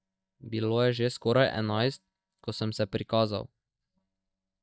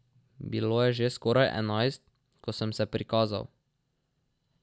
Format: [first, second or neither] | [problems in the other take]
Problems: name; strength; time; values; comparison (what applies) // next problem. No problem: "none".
second | noise reduction (neural mask model DeepFilterNet 3)